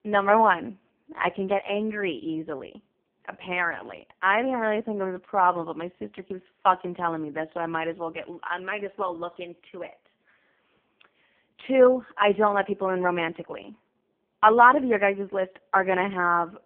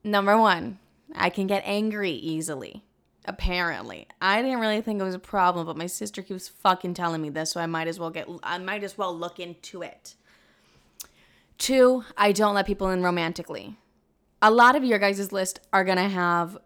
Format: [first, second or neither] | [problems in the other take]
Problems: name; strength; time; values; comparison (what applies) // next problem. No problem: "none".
second | phone-call audio; poor line